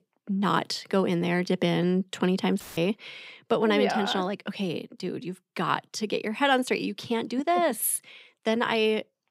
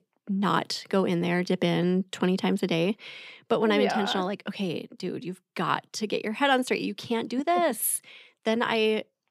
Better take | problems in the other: second | audio cutting out; filled with static; at 2.5 s

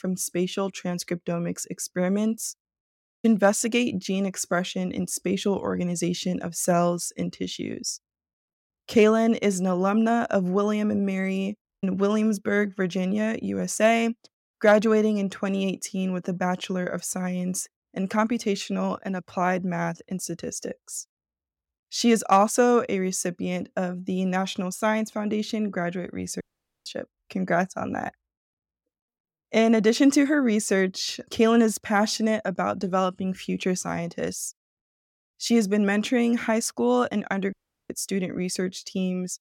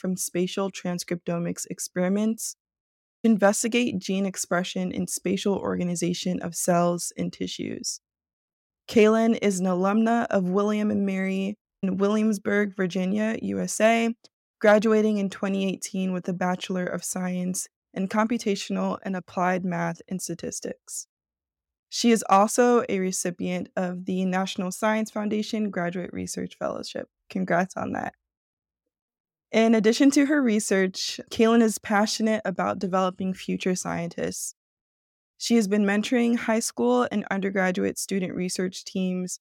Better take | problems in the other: second | audio cutting out; at 26 s and at 38 s

